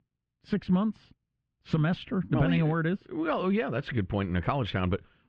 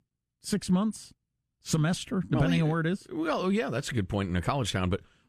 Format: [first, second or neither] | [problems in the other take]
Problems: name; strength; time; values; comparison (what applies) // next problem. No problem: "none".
second | muffled; very; fading above 3 kHz